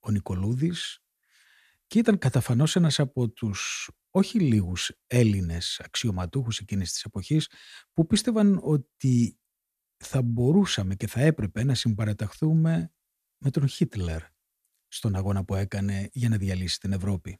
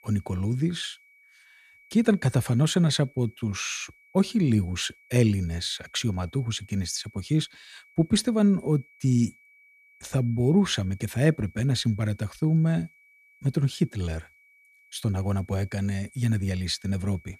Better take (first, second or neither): first